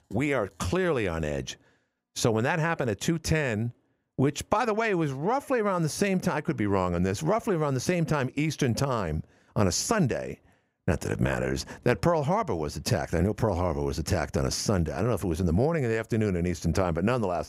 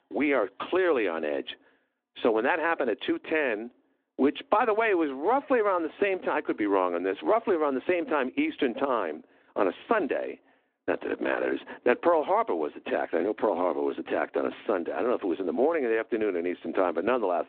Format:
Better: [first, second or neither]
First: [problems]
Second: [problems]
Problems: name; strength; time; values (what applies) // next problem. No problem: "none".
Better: first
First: none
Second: phone-call audio